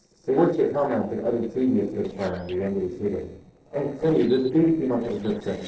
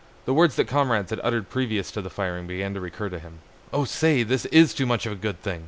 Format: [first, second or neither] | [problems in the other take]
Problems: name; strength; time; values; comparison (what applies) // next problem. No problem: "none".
second | noise reduction (neural separator model SepFormer DNS4)